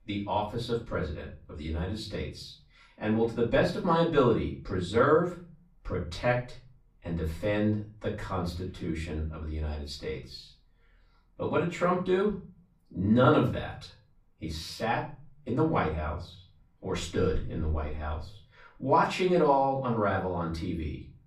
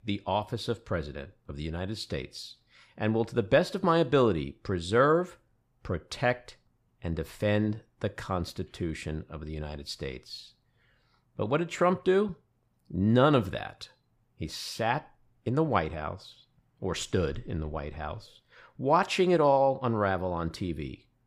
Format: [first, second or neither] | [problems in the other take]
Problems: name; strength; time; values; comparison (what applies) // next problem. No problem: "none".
second | room echo; slight; dies away in 0.4 s // off-mic speech; far